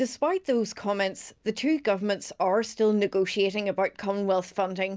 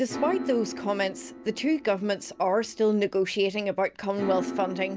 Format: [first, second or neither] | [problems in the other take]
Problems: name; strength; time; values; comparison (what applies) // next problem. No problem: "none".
first | background sound (Piano); 11 dB below the speech